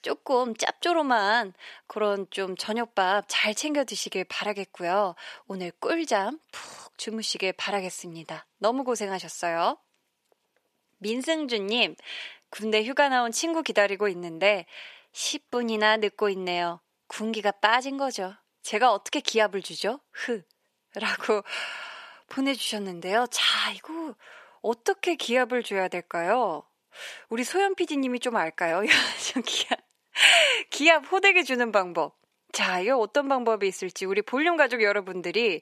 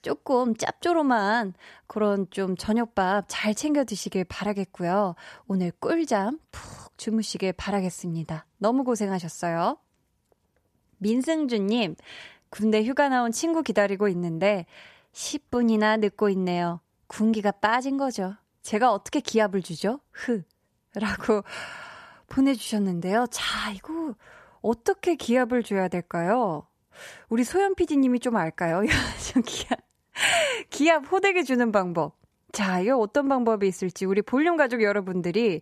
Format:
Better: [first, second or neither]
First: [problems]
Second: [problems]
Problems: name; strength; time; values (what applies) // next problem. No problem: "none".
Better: second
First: thin; somewhat; fading below 350 Hz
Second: none